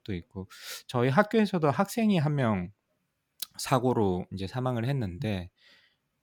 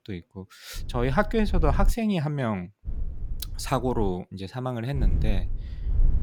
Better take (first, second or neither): first